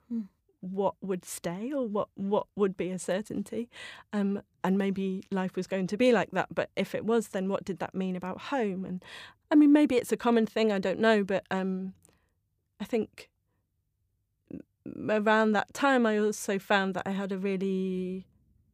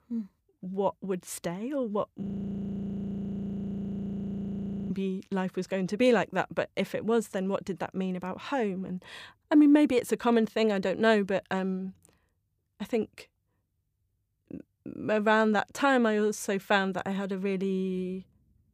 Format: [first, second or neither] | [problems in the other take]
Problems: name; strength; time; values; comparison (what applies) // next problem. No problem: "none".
first | audio freezing; at 2 s for 2.5 s